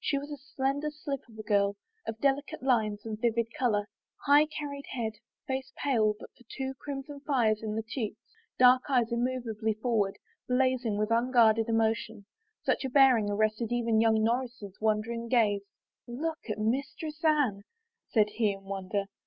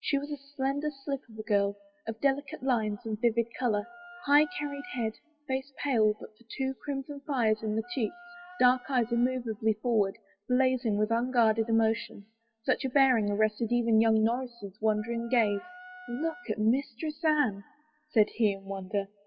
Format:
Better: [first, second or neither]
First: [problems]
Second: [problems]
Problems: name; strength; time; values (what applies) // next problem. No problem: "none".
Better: first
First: none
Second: noise reduction (classical method WPE with log-MMSE)